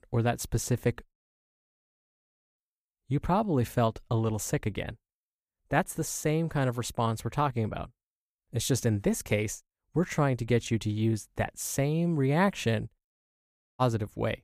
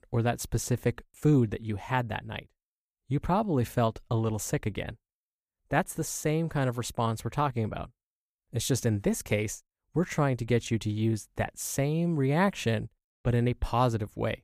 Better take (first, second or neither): second